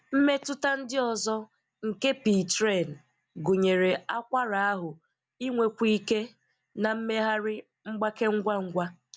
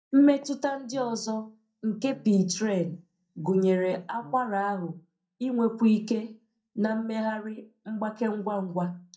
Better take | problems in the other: first | noise reduction (neural mask model DeepFilterNet 3)

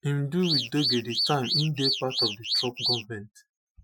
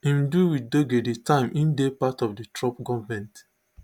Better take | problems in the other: second | noise reduction (classical method Wiener filter)

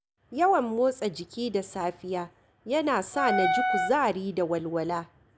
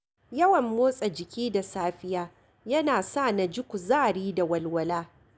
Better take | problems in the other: second | background sound (Wind instrument, woodwind instrument); as loud as the speech

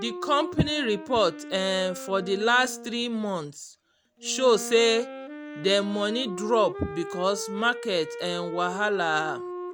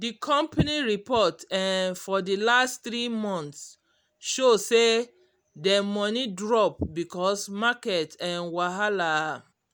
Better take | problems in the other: second | background sound (Wind instrument, woodwind instrument); 11 dB below the speech

